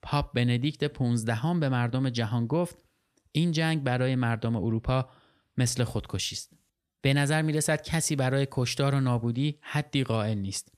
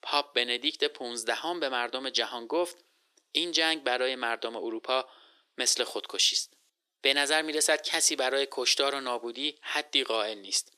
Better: first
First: none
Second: thin; very; fading below 350 Hz

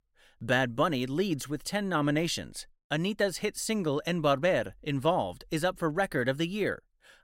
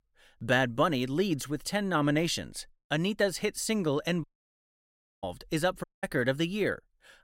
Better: first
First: none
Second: audio cutting out; at 4 s for 1 s and at 6 s

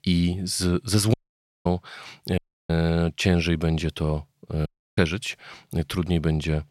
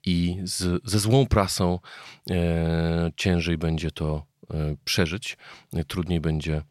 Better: second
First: audio cutting out; at 1 s for 0.5 s, at 2.5 s and at 4.5 s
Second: none

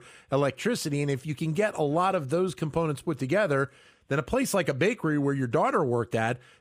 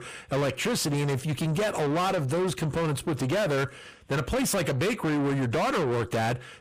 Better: first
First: none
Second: distortion; heavy; 6 dB below the speech

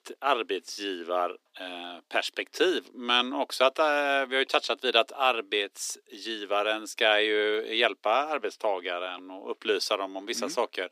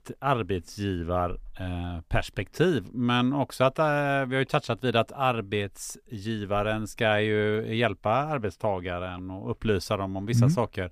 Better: second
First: thin; somewhat; fading below 300 Hz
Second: none

